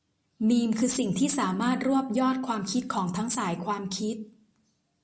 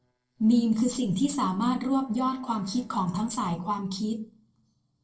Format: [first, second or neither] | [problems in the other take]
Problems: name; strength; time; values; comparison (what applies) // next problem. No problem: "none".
first | noise reduction (neural separator model SepFormer DNS4)